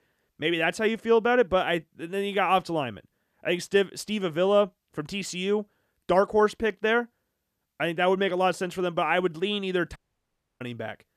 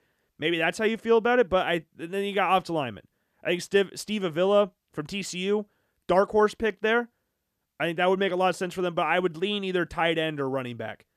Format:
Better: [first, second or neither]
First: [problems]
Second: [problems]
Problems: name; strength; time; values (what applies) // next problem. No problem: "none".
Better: second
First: audio cutting out; at 10 s for 0.5 s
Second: none